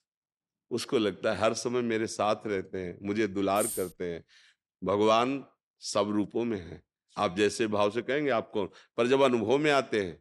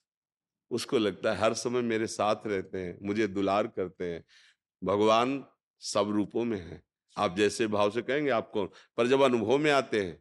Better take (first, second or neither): second